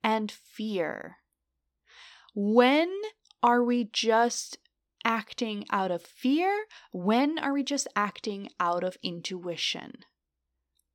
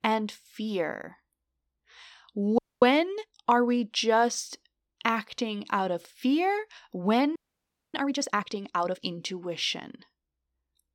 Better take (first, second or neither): first